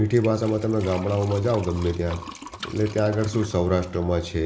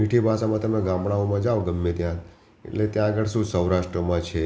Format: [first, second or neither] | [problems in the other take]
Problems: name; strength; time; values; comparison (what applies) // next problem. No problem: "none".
second | background sound (Liquid); 18 dB below the speech